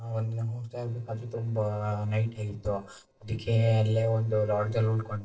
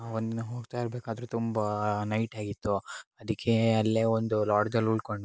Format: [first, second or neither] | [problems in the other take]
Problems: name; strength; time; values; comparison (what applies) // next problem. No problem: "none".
second | noise reduction (neural separator model SepFormer DNS4)